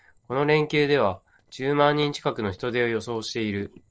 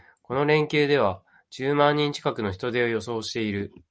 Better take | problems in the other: second | noise reduction (neural separator model SepFormer DNS4)

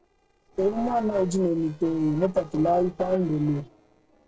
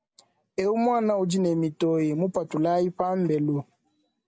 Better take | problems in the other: second | noise reduction (neural separator model SepFormer DNS4)

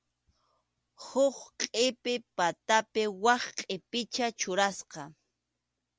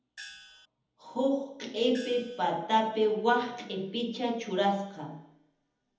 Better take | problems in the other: first | background sound (Gong); 16 dB below the speech // room echo; dies away in 1.1 s

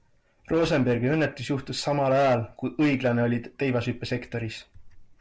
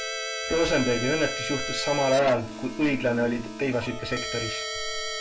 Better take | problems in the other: first | background sound (Keyboard (musical)); 6 dB below the speech // room echo; dies away in 0.2 s

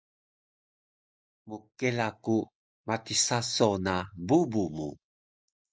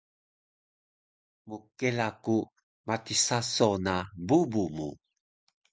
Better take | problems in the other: second | noise reduction (neural mask model Resemble Enhance denoiser)

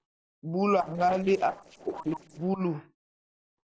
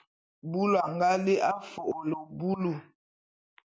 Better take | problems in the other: second | noise reduction (neural separator model SepFormer DNS4)

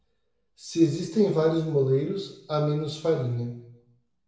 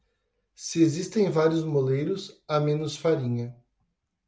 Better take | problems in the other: second | room echo; dies away in 0.8 s

